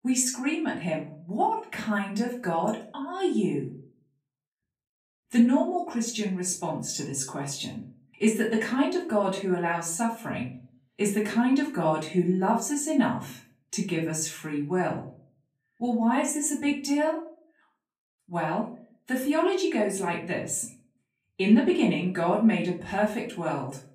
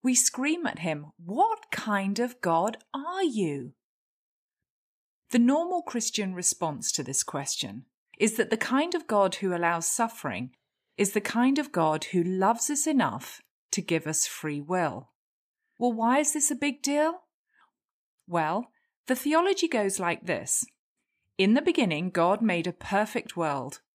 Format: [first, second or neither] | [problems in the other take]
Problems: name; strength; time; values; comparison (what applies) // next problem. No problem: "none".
second | off-mic speech; far // room echo; slight; dies away in 0.4 s